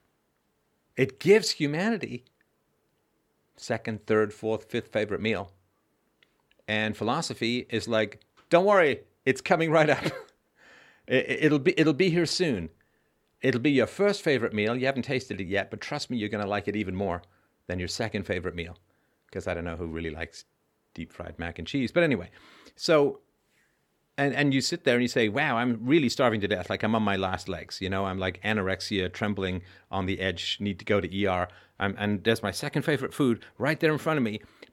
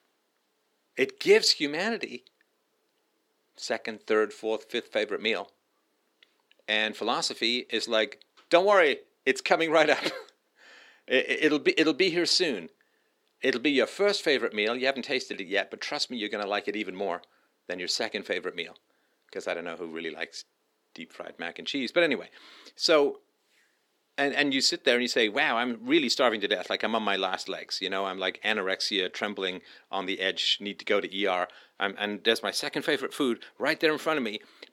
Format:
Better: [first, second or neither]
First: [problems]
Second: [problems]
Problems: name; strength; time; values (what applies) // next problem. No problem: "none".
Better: first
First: none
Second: thin; very slightly; fading below 300 Hz